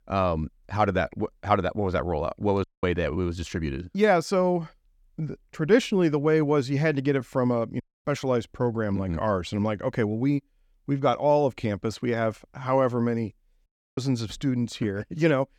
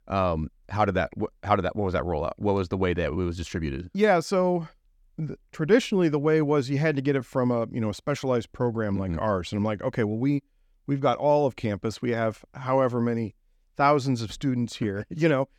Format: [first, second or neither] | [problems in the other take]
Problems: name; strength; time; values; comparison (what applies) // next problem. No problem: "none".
second | audio cutting out; at 2.5 s, at 8 s and at 14 s